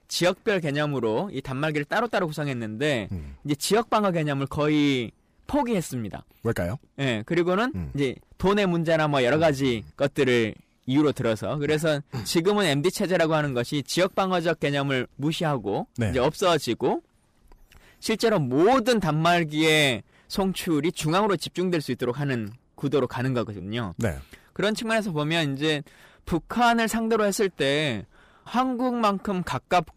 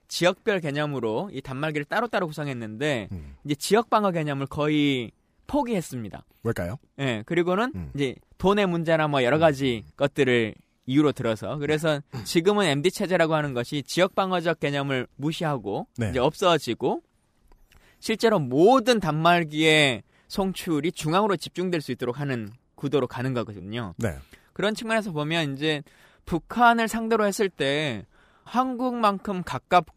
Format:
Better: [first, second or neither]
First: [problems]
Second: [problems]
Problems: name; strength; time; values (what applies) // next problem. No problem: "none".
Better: second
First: distortion; slight; 10 dB below the speech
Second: none